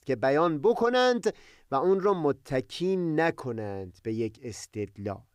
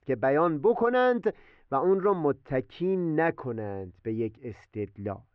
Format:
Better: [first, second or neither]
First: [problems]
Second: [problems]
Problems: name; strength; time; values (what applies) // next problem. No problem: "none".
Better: first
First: none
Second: muffled; very; fading above 2.5 kHz